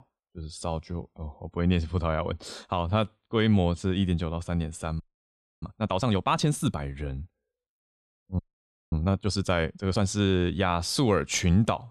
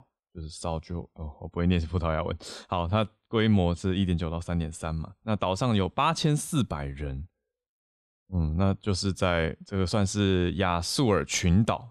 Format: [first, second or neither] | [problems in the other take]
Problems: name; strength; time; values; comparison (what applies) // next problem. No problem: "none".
second | audio freezing; at 5 s for 0.5 s and at 8.5 s for 0.5 s